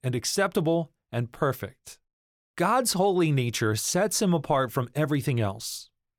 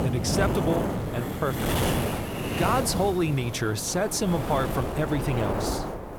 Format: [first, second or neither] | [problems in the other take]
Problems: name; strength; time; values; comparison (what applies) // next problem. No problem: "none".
first | wind noise on the microphone; heavy; 3 dB below the speech